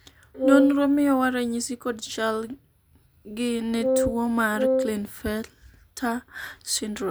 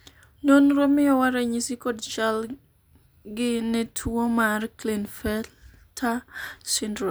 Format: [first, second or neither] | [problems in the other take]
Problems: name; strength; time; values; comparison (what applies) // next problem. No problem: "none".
second | background sound (Wind instrument, woodwind instrument); as loud as the speech